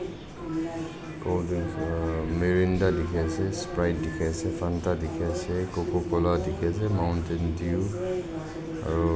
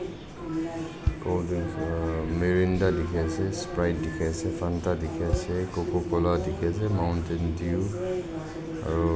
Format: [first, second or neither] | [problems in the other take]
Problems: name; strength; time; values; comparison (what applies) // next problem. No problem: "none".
first | background sound (Bass drum); 9 dB below the speech